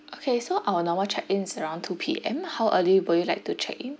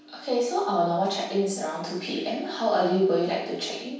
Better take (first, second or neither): first